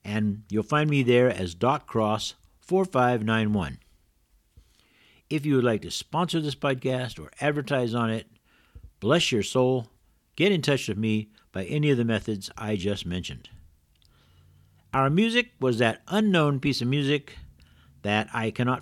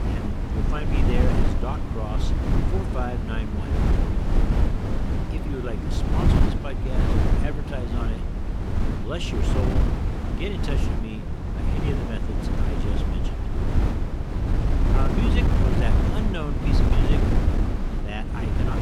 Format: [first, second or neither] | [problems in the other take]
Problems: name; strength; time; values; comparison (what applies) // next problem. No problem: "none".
first | wind noise on the microphone; heavy; 2 dB above the speech